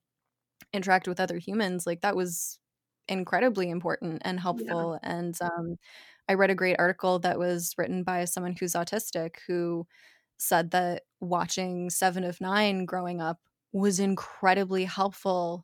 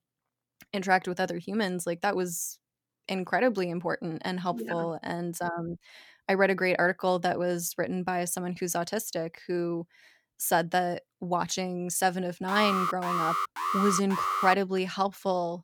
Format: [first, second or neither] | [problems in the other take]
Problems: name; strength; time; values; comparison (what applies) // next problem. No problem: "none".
first | alarm; loud; from 12 to 15 s; peak 1 dB above the speech